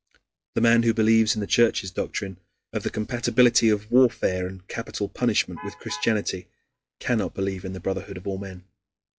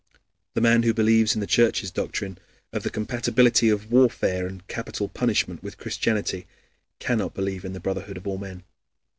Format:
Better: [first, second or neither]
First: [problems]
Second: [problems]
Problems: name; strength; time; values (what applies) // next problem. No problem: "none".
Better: second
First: noise reduction (classical method log-MMSE)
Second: none